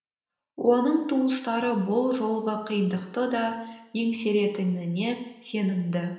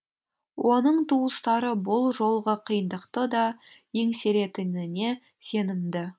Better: second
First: room echo; dies away in 0.9 s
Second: none

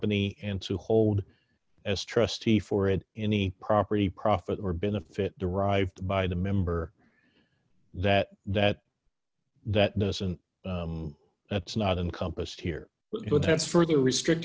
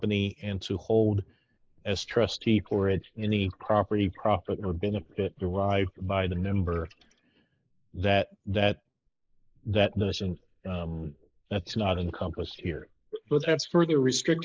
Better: first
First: none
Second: noise reduction (neural mask model Resemble Enhance denoiser)

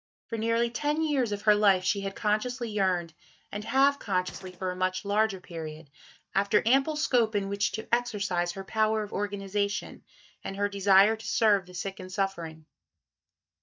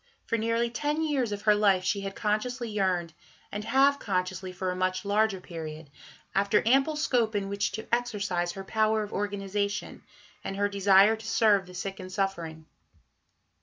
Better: second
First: noise reduction (neural mask model DeepFilterNet 3)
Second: none

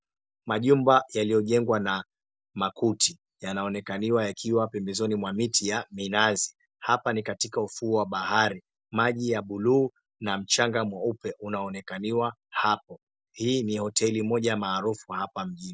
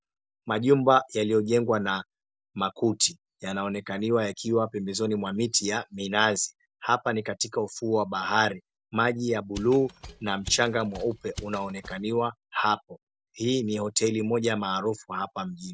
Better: first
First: none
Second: background sound (Mechanisms); 16 dB below the speech

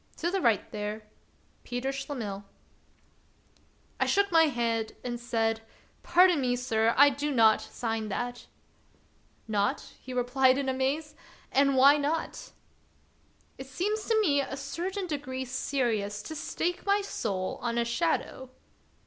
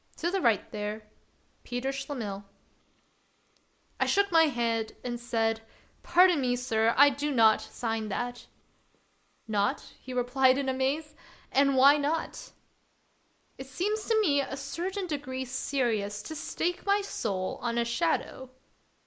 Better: first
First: none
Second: noise reduction (neural mask model Resemble Enhance denoiser)

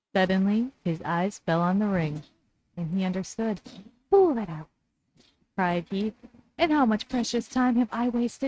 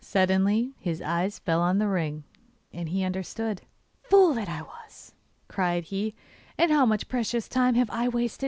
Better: second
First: noise reduction (neural mask model RNNoise)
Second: none

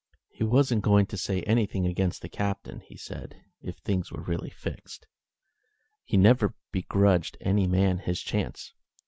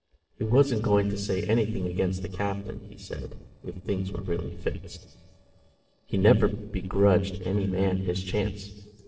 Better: first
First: none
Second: noise reduction (neural separator model SepFormer DNS4)

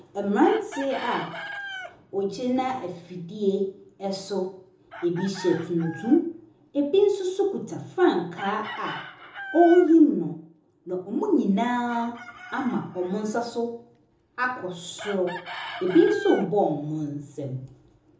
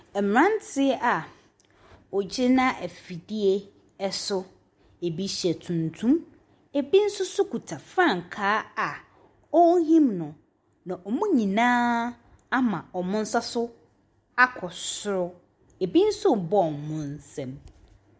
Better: second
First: background sound (Chicken, rooster); 16 dB below the speech // room echo; dies away in 0.5 s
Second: none

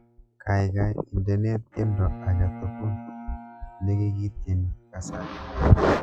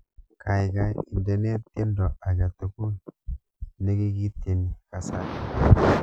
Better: second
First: noise reduction (classical method log-MMSE)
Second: none

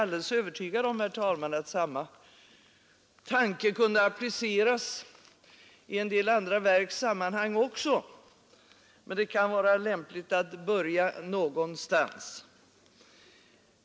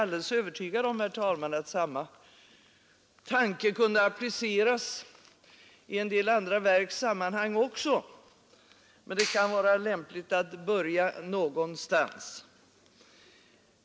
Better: first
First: none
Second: background sound (Clapping); 9 dB below the speech

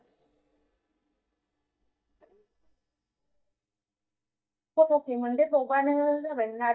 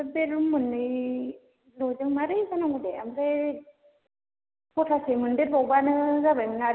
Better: second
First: noise reduction (neural mask model DeepFilterNet 3)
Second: none

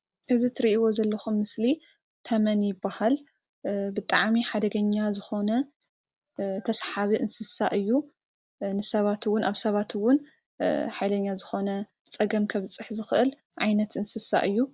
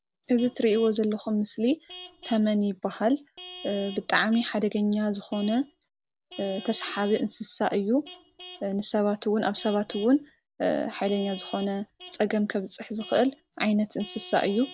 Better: first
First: none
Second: background sound (Vehicle horn, car horn, honking / Truck); 20 dB below the speech

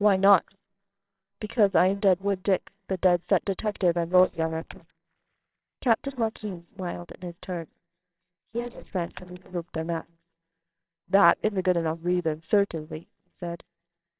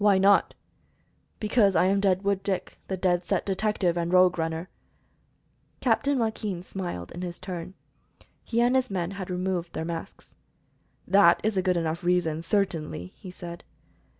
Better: second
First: noise reduction (neural separator model SepFormer WHAMR!)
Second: none

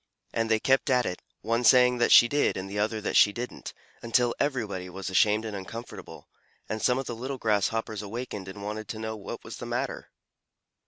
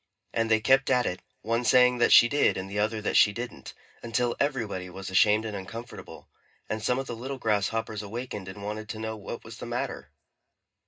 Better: first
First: none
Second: room echo; dies away in 0.2 s

